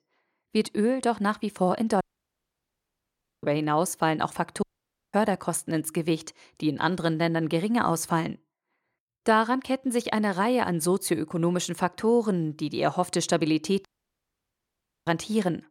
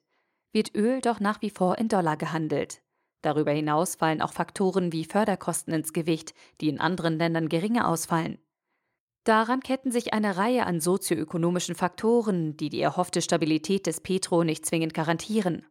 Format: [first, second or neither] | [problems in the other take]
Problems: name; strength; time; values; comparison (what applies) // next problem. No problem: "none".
second | audio cutting out; at 2 s for 1.5 s, at 4.5 s for 0.5 s and at 14 s for 1 s